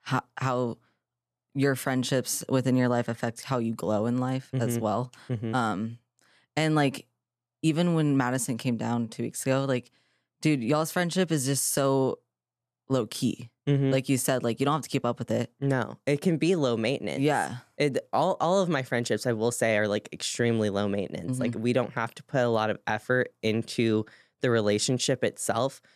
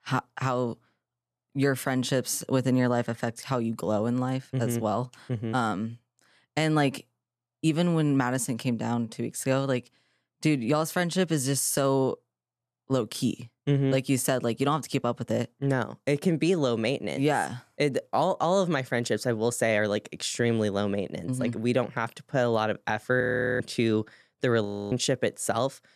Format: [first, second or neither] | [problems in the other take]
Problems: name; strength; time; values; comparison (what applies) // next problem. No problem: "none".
first | audio freezing; at 23 s and at 25 s